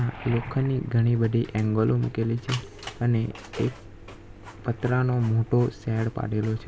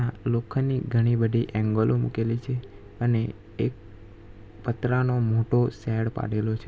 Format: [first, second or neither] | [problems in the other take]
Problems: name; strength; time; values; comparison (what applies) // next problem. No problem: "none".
second | background sound (Waves, surf + Printer); 17 dB below the speech